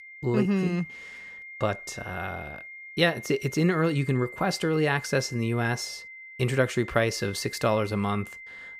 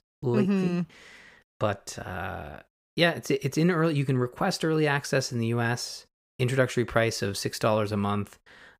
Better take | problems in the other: second | high-pitched whine; noticeable; throughout; 2 kHz, 15 dB below the speech

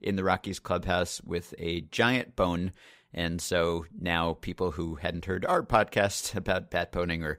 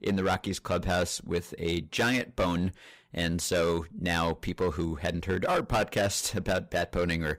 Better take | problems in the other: first | distortion; heavy; 9% of the sound clipped

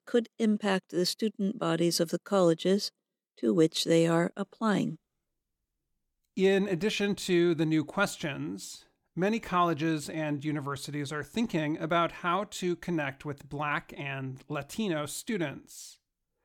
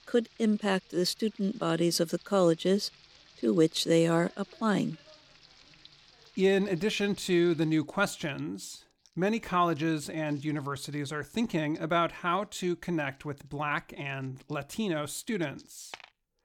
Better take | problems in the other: first | household noises; faint; throughout; 25 dB below the speech

